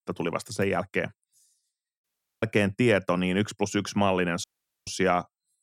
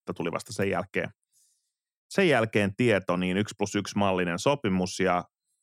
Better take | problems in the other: second | audio cutting out; at 2 s and at 4.5 s

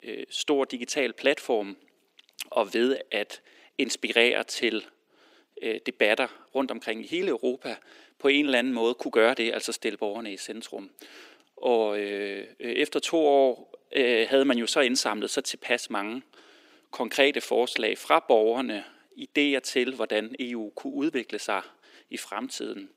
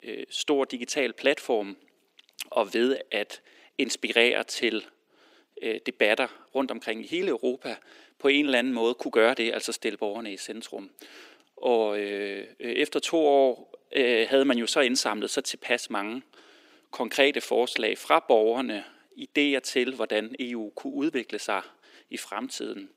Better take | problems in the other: neither | thin; somewhat; fading below 250 Hz; the same in both

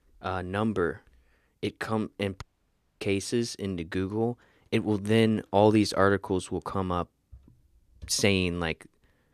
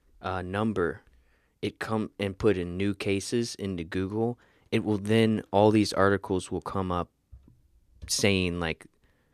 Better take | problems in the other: second | audio cutting out; at 2.5 s for 0.5 s

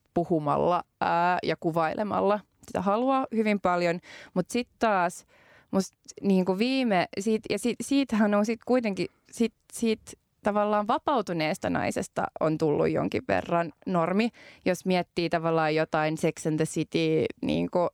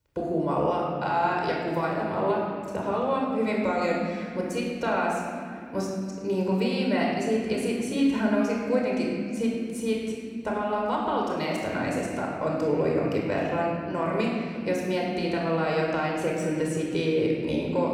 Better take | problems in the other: first | room echo; noticeable; dies away in 2.5 s // off-mic speech; somewhat distant

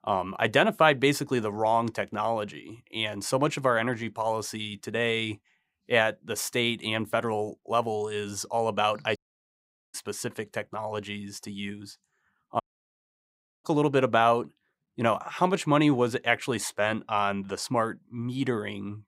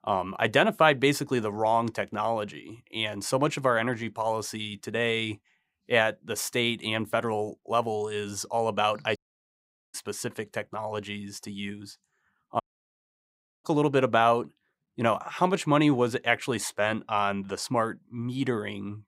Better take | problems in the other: neither | audio cutting out; at 9 s for 1 s and at 13 s for 1 s; the same in both

